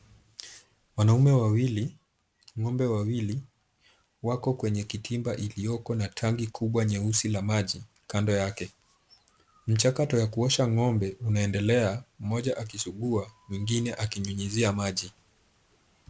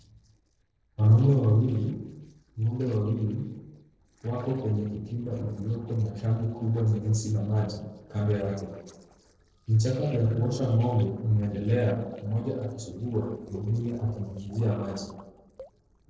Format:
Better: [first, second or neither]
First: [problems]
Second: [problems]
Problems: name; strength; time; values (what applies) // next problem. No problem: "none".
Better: first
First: none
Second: noise reduction (neural separator model SepFormer DNS4)